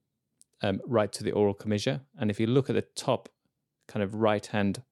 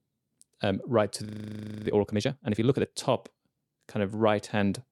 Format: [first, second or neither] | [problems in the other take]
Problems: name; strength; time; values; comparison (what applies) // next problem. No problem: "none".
first | audio freezing; at 1.5 s for 0.5 s